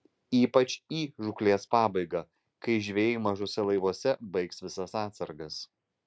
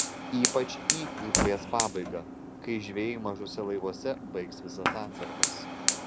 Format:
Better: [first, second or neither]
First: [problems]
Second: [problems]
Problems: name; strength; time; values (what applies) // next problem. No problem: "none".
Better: first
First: none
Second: background sound (Fire); 2 dB above the speech